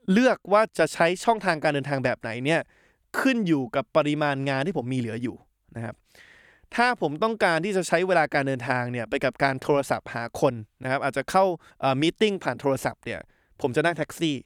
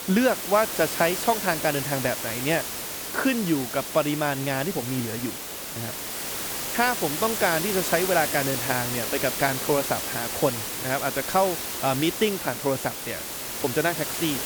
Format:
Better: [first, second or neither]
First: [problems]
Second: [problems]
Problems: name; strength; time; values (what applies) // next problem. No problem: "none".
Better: first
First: none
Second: hiss; loud; throughout; 3 dB below the speech